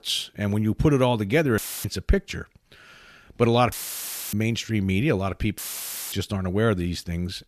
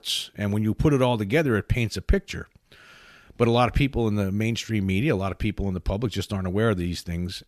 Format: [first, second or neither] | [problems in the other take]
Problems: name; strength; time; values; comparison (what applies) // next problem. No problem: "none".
second | audio cutting out; filled with static; at 1.5 s, at 3.5 s for 0.5 s and at 5.5 s for 0.5 s